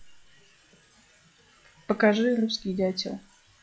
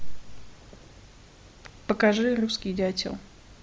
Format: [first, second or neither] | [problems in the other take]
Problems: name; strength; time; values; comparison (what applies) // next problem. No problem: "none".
second | noise reduction (classical method log-MMSE)